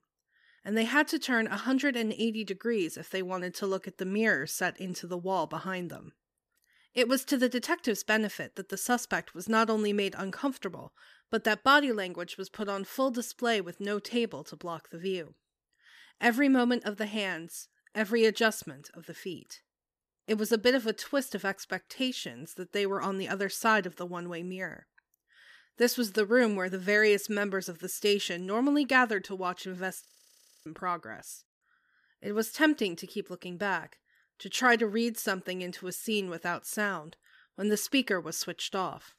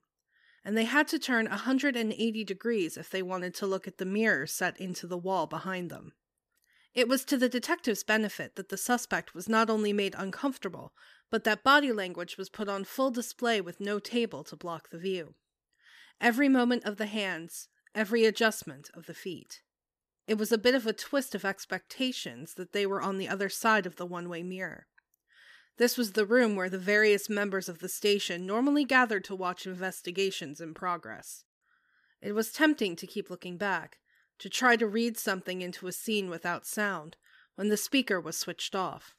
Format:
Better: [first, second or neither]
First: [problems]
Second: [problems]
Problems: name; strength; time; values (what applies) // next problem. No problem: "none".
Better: second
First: audio freezing; at 30 s for 0.5 s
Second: none